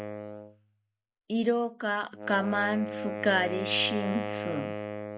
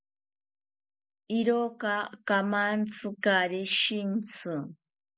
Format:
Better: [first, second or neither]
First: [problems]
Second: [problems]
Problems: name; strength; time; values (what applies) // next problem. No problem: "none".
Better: second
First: background sound (Wind instrument, woodwind instrument); 6 dB below the speech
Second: none